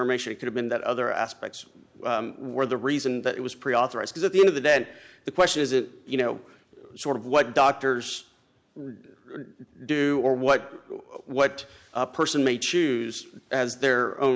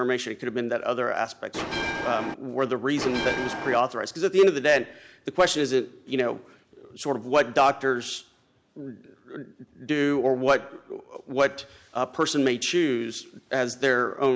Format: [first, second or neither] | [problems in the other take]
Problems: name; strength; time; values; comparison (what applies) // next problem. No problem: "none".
first | background sound (Bell); 4 dB below the speech